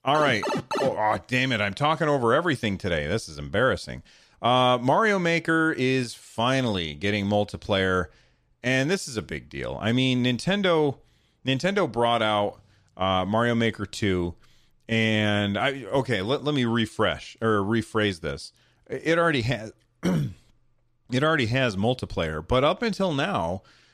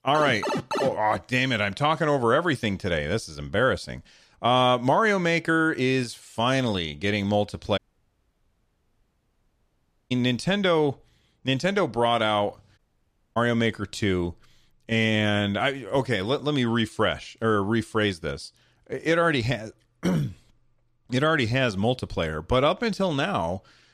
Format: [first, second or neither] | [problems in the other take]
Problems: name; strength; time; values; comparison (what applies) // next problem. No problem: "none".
first | audio cutting out; at 8 s for 2.5 s and at 13 s for 0.5 s